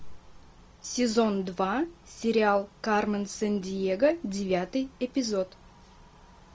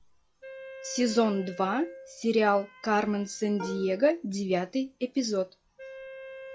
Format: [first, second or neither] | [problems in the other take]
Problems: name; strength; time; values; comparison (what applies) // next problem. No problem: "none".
first | noise reduction (classical method log-MMSE)